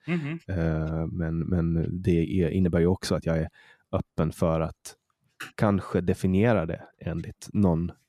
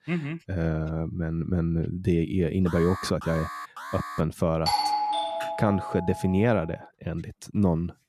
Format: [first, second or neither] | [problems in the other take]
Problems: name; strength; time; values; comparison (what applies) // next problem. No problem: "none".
first | alarm; noticeable; from 2.5 to 4 s; peak 9 dB below the speech // doorbell; loud; from 4.5 to 6 s; peak 3 dB above the speech